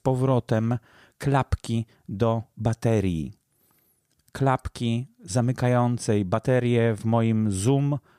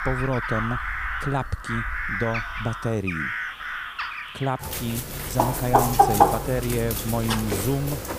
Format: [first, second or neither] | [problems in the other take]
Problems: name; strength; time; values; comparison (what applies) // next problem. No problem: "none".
first | animal sounds; very loud; throughout; 2 dB above the speech